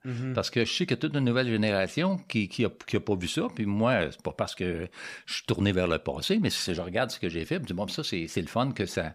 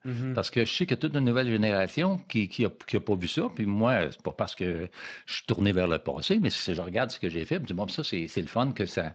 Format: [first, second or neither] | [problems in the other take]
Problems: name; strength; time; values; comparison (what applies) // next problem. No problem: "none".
first | garbled, watery; slightly